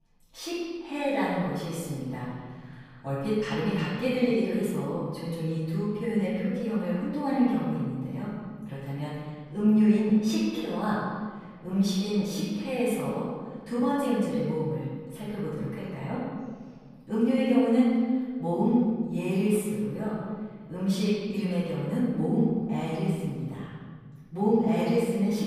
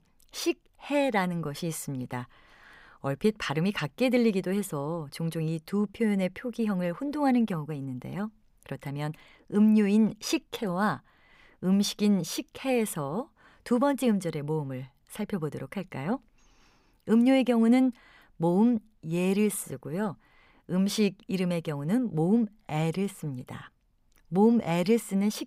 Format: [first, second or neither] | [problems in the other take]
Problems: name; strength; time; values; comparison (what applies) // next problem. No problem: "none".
second | off-mic speech; far // room echo; strong; dies away in 1.6 s